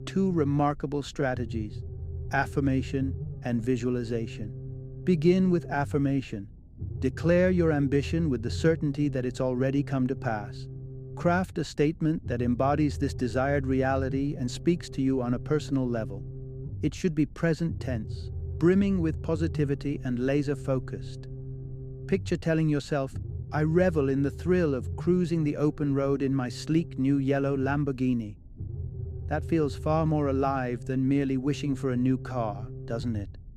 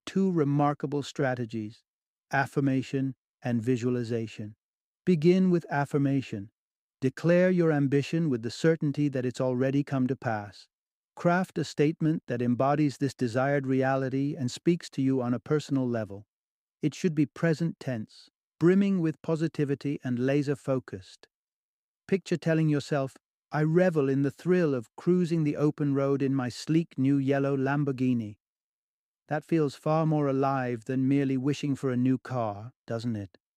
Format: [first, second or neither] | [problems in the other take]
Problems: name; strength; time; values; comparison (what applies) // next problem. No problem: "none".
second | low rumble; noticeable; throughout; 20 dB below the speech